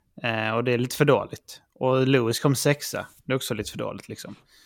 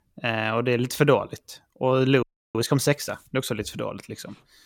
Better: first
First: none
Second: audio freezing; at 2 s

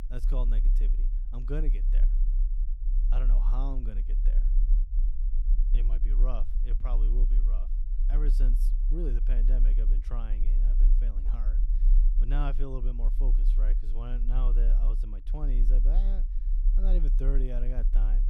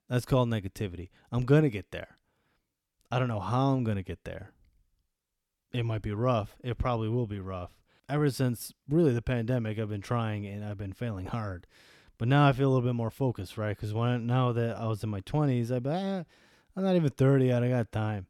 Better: second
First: low rumble; loud; throughout; 9 dB below the speech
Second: none

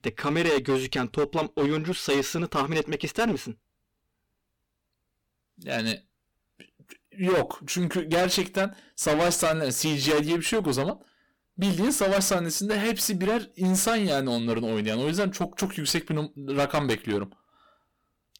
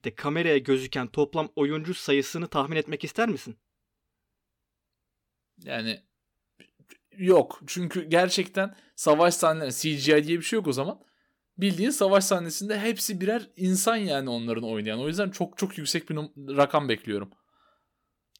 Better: second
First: distortion; heavy; 12% of the sound clipped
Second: none

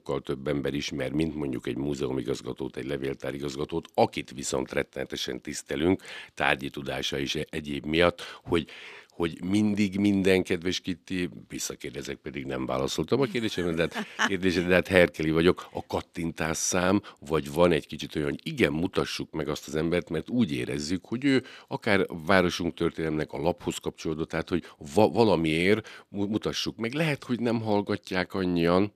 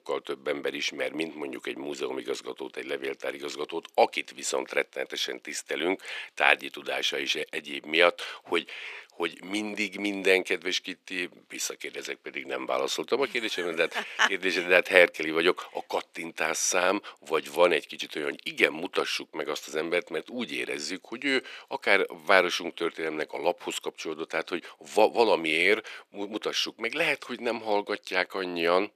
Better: first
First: none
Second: thin; somewhat; fading below 500 Hz

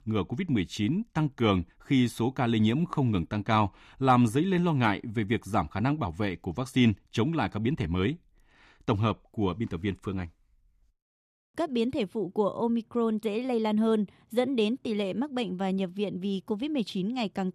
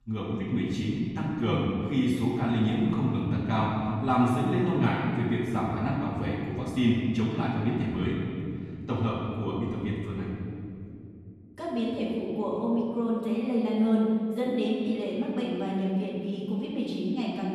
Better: first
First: none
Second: room echo; strong; dies away in 2.6 s // off-mic speech; far

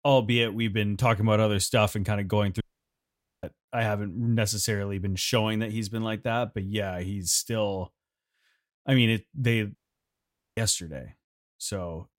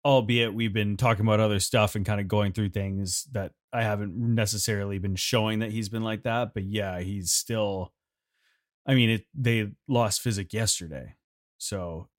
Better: second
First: audio cutting out; at 2.5 s for 1 s and at 10 s for 1 s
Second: none

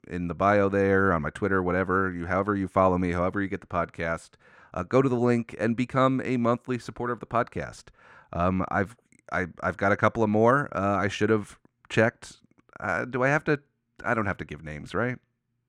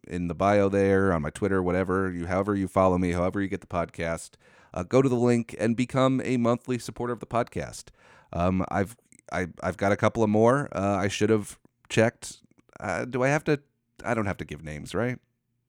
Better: second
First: muffled; very slightly; fading above 4 kHz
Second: none

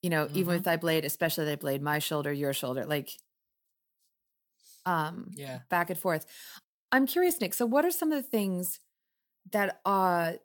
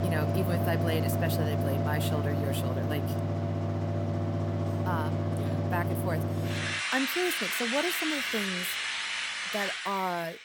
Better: first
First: none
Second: machinery noise; very loud; throughout; 4 dB above the speech

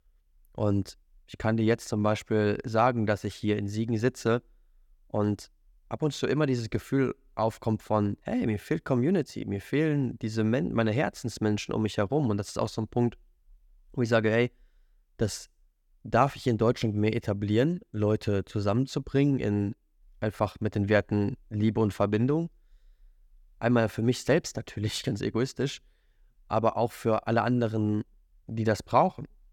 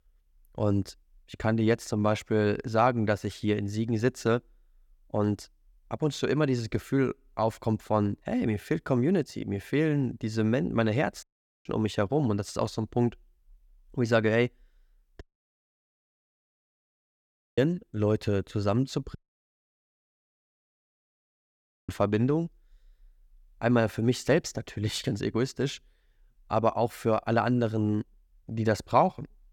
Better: first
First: none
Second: audio cutting out; at 11 s, at 15 s for 2.5 s and at 19 s for 2.5 s

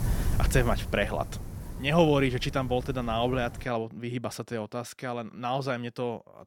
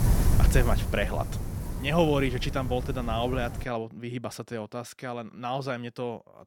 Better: first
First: wind noise on the microphone; occasional gusts; until 3.5 s; 15 dB below the speech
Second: wind noise on the microphone; heavy; until 3.5 s; 10 dB below the speech

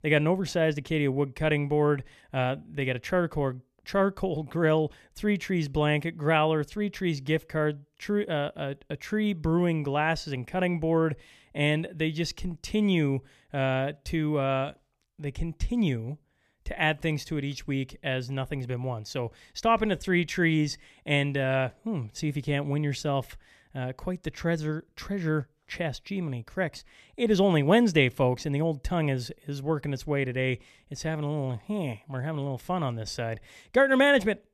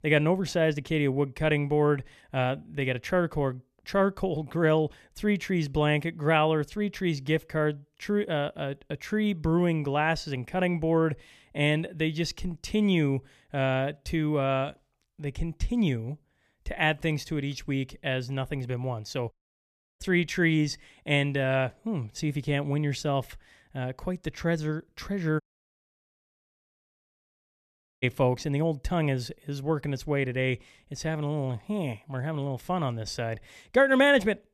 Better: first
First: none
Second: audio cutting out; at 19 s for 0.5 s and at 25 s for 2.5 s

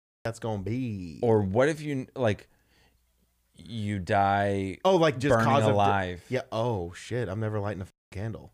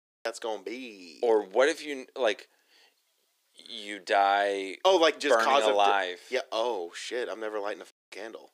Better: first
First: none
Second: thin; very; fading below 350 Hz

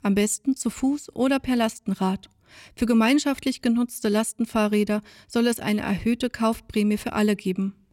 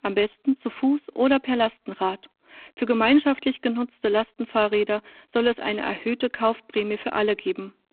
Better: first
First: none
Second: phone-call audio; poor line

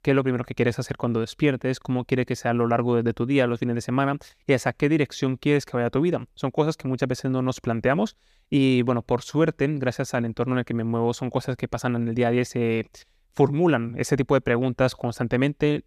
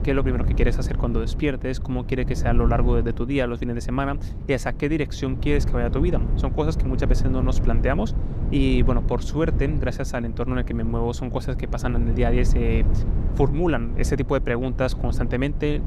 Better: first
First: none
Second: low rumble; noticeable; throughout; 10 dB below the speech

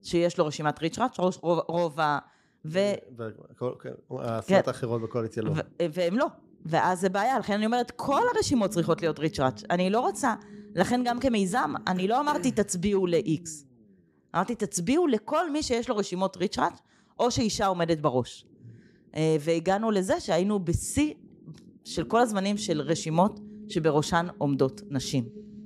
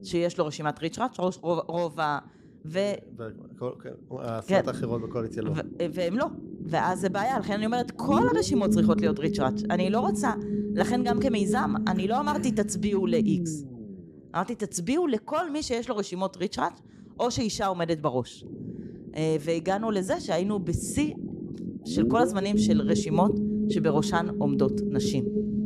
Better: first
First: low rumble; faint; throughout; 25 dB below the speech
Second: low rumble; loud; throughout; 6 dB below the speech

